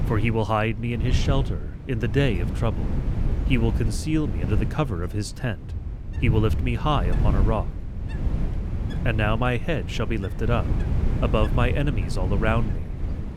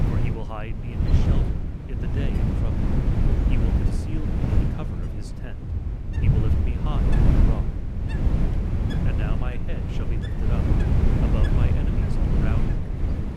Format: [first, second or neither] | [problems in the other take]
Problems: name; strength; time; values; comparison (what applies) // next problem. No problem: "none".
first | wind noise on the microphone; heavy; 5 dB above the speech; occasional gusts in the first